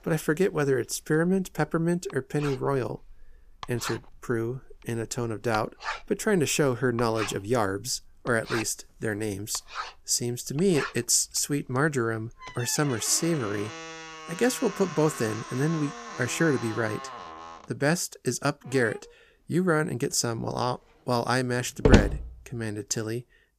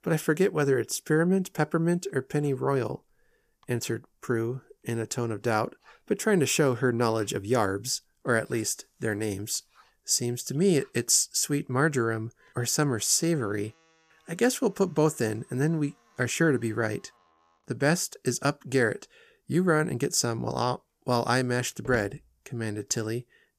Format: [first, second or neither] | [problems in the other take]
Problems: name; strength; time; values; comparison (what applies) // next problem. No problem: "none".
second | household noises; loud; throughout; 6 dB below the speech; faint in the second